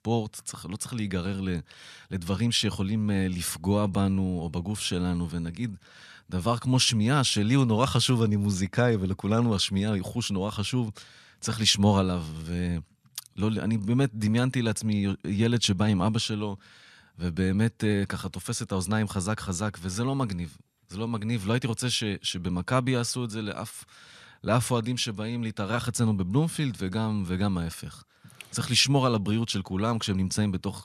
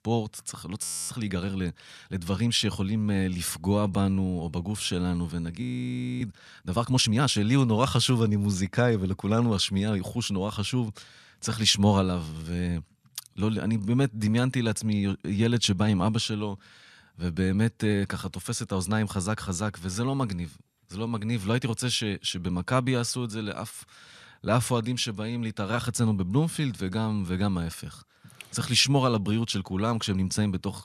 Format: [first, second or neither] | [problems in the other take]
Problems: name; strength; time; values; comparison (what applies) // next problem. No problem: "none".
first | audio freezing; at 1 s and at 5.5 s for 0.5 s